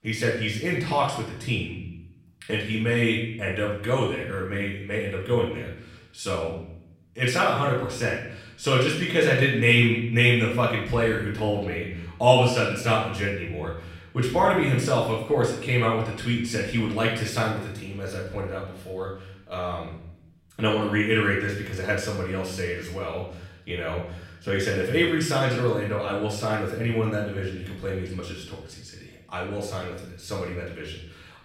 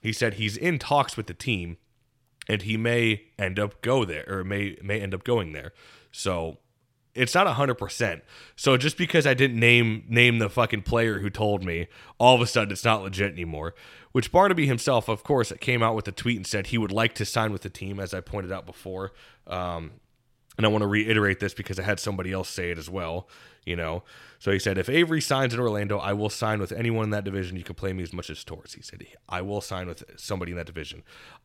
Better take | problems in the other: second | off-mic speech; far // room echo; noticeable; dies away in 0.7 s

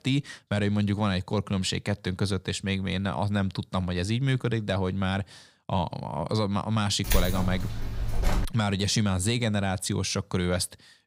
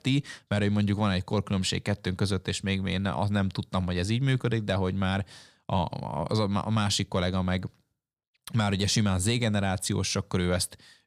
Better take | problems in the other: second | jangling keys; noticeable; from 7 to 8.5 s; peak 1 dB below the speech

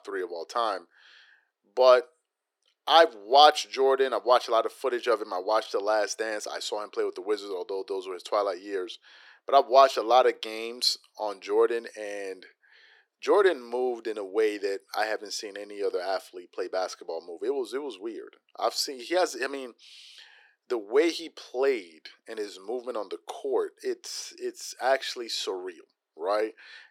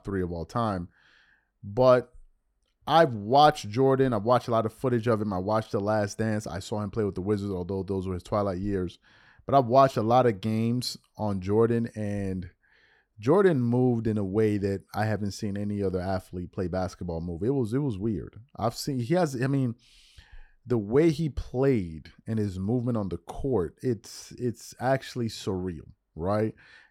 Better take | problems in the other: second | thin; very; fading below 350 Hz

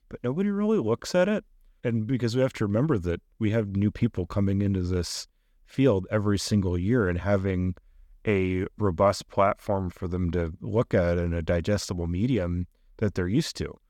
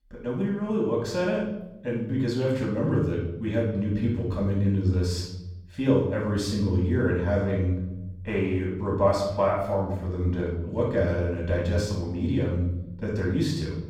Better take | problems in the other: first | off-mic speech; far // room echo; noticeable; dies away in 0.8 s

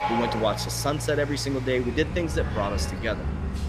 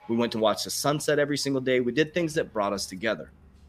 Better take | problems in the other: second | animal sounds; loud; throughout; 4 dB below the speech; faint in the second

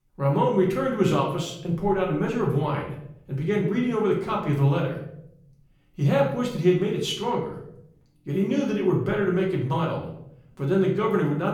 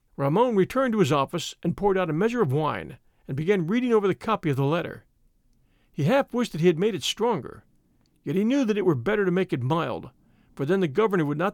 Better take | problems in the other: second | room echo; noticeable; dies away in 0.6 s // off-mic speech; far

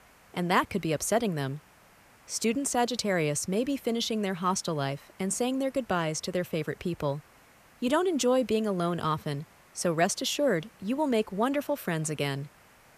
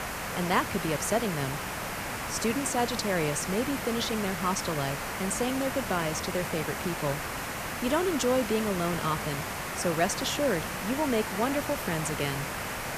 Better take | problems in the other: first | hiss; loud; throughout; 3 dB below the speech; faint in the first

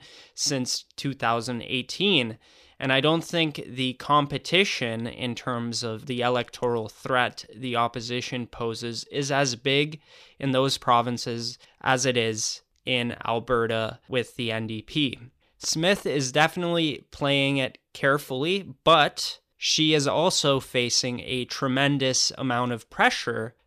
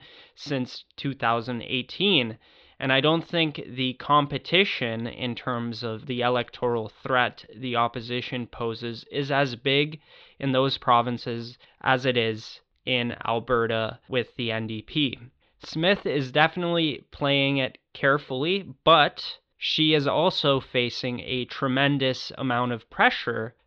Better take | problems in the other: first | muffled; slightly; fading above 4 kHz

